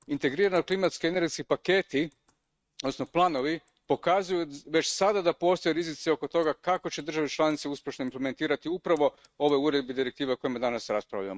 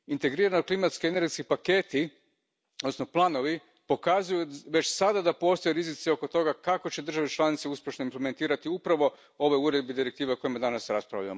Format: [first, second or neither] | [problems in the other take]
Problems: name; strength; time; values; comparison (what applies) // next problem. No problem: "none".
second | noise reduction (neural mask model RNNoise)